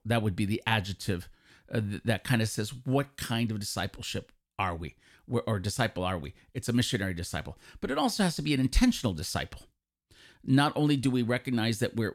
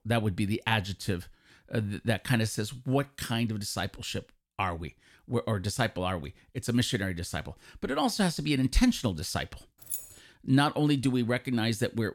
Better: first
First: none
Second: jangling keys; noticeable; at 10 s; peak 6 dB below the speech

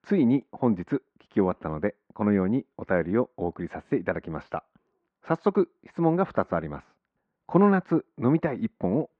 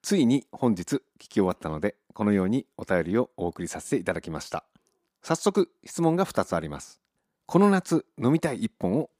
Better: second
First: muffled; very; fading above 2 kHz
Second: none

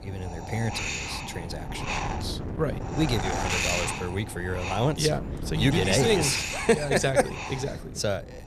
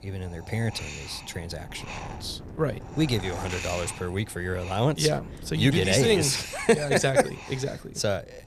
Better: second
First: wind noise on the microphone; heavy; 3 dB below the speech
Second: wind noise on the microphone; occasional gusts; 10 dB below the speech

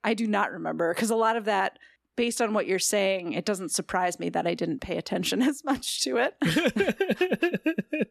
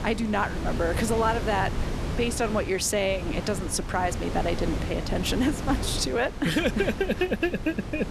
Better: first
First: none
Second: wind noise on the microphone; heavy; 10 dB below the speech

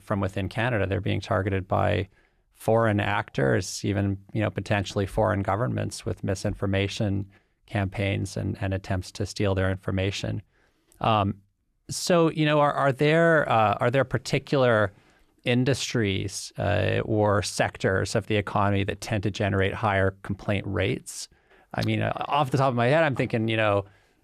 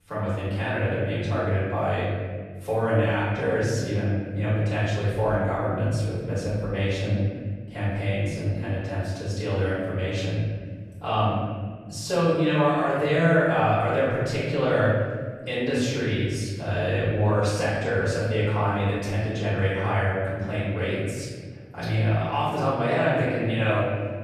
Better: first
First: none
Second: off-mic speech; far // room echo; strong; dies away in 1.7 s

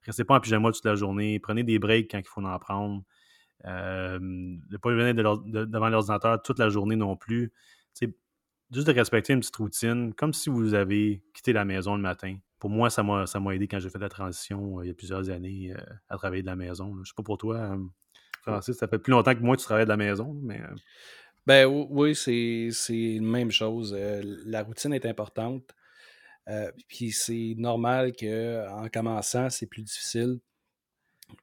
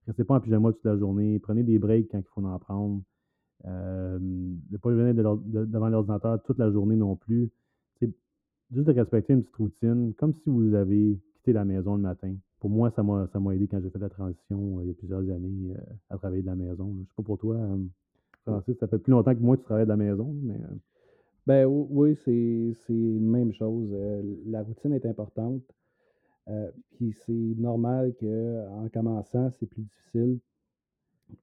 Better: first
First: none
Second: muffled; very; fading above 1 kHz

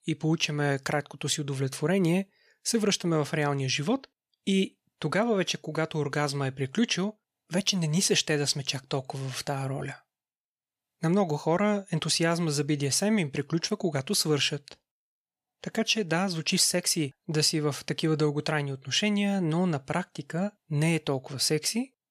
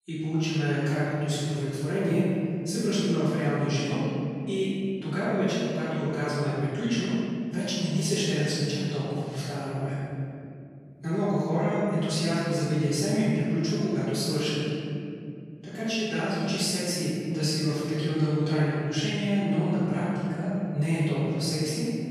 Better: first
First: none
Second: room echo; strong; dies away in 3 s // off-mic speech; far

